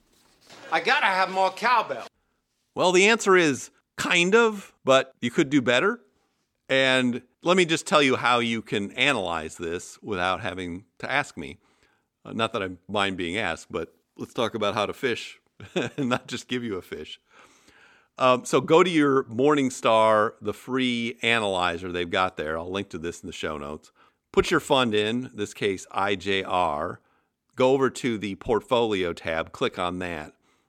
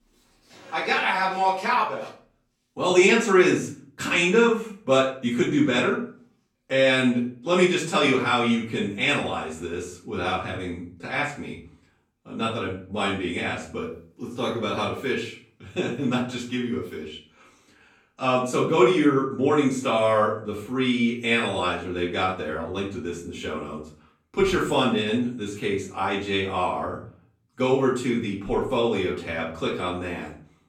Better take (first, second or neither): first